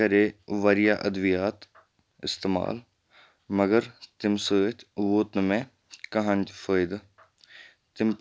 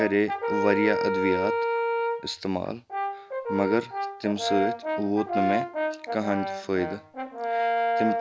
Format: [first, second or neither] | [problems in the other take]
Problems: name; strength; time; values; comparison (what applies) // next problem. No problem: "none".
first | background sound (Brass instrument); as loud as the speech